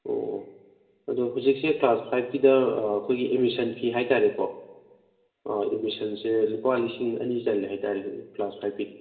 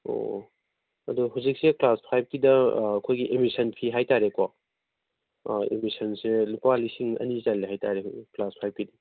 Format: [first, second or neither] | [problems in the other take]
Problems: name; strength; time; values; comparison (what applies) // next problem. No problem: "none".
second | room echo; dies away in 0.8 s